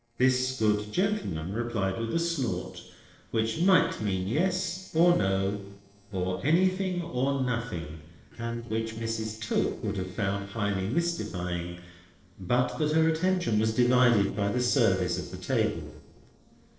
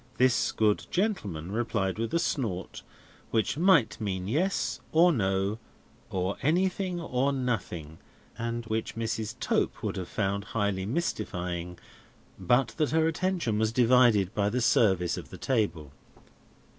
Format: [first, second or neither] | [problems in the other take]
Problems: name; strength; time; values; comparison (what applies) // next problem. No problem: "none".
second | noise reduction (neural separator model SepFormer DNS4)